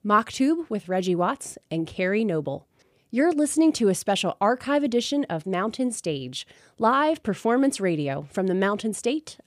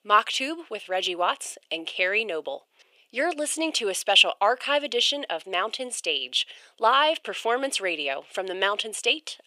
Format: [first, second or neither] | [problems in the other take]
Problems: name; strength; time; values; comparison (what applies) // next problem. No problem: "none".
first | thin; very; fading below 500 Hz